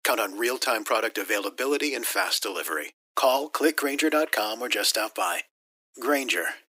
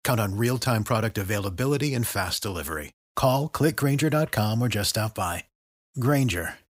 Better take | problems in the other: second | thin; somewhat; fading below 300 Hz

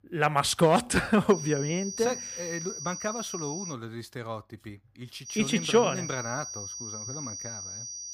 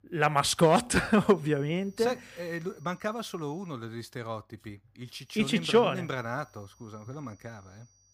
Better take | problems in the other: second | high-pitched whine; loud; from 1.5 to 3.5 s and from 5.5 s on; 6 kHz, 8 dB below the speech; faint in the second

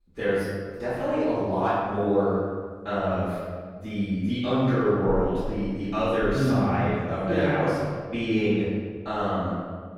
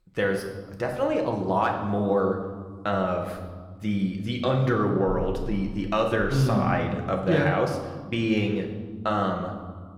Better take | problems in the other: second | room echo; strong; dies away in 1.6 s; slight in the second // off-mic speech; far

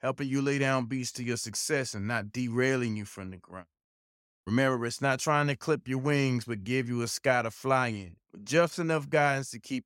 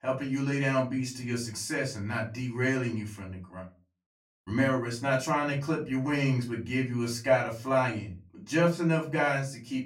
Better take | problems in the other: first | off-mic speech; far // room echo; very slight; dies away in 0.3 s

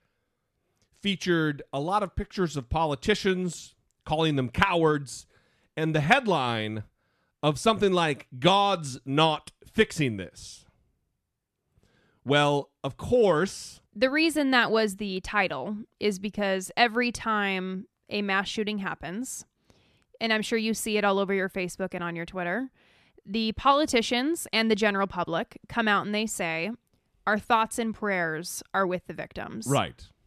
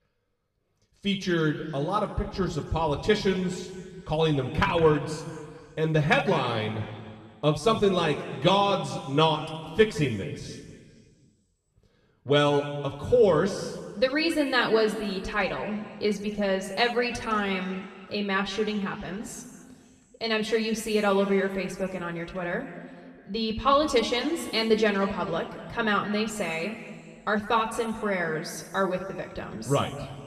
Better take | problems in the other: first | room echo; slight; dies away in 1.9 s

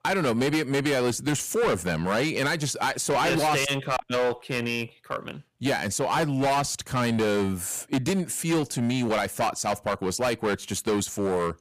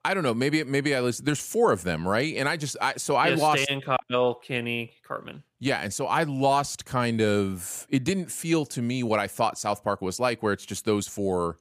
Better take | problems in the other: second | distortion; heavy; 15% of the sound clipped

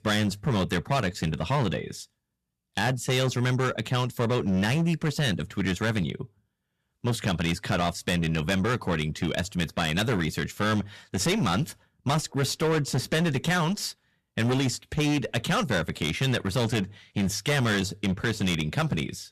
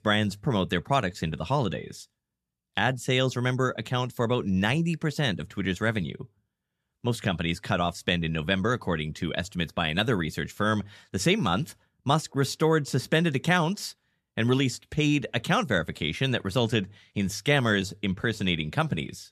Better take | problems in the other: second | distortion; heavy; 16% of the sound clipped

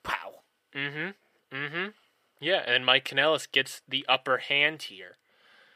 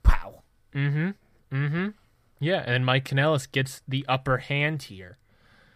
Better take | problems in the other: second | thin; very; fading below 400 Hz

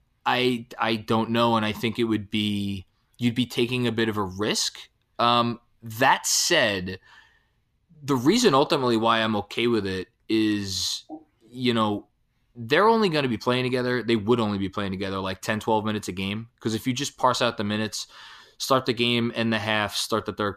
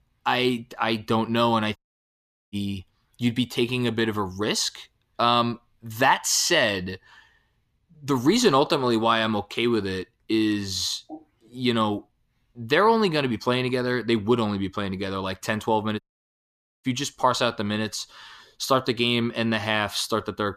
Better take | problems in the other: first | audio cutting out; at 2 s for 1 s and at 16 s for 1 s

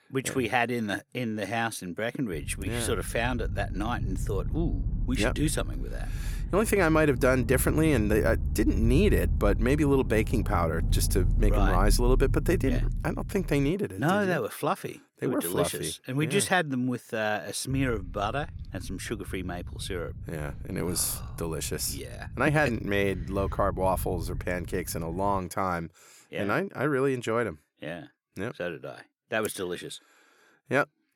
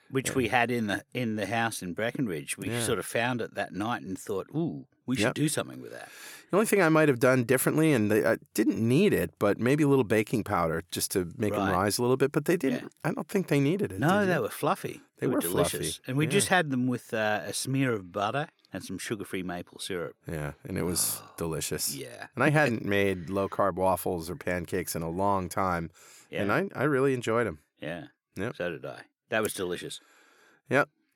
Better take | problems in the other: second | low rumble; noticeable; from 2.5 to 14 s and from 18 to 25 s; 20 dB below the speech

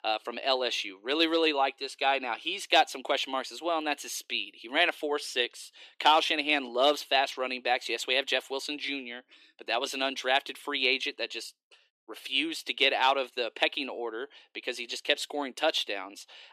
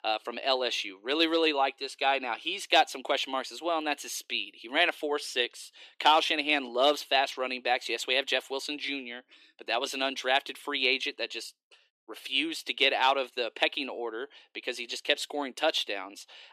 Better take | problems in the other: neither | thin; somewhat; fading below 300 Hz; the same in both

